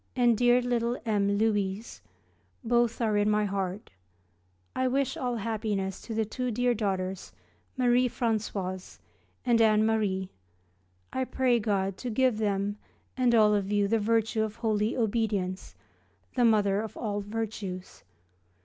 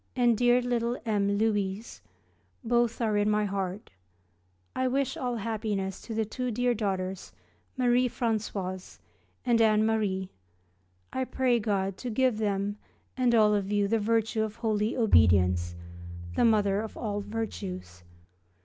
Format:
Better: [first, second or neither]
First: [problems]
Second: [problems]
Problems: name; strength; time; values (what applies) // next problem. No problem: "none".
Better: first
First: none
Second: background sound (Bowed string instrument); 1 dB below the speech